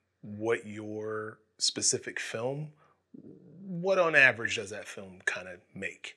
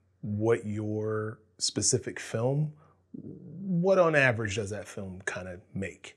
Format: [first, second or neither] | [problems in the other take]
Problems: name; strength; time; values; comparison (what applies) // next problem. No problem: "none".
second | thin; somewhat; fading below 350 Hz